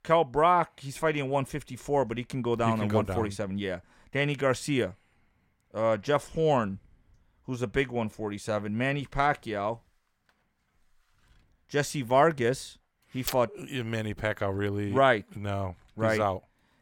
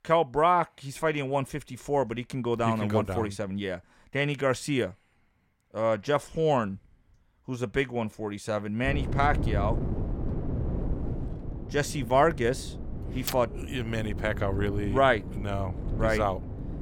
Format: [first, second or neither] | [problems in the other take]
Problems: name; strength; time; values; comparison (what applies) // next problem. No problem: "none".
first | wind noise on the microphone; occasional gusts; from 9 s on; 15 dB below the speech